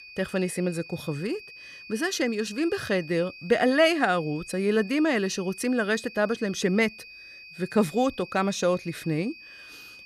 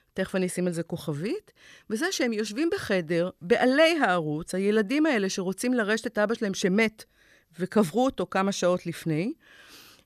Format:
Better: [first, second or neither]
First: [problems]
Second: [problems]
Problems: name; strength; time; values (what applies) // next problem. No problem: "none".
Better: second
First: high-pitched whine; noticeable; throughout; 2.5 kHz, 15 dB below the speech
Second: none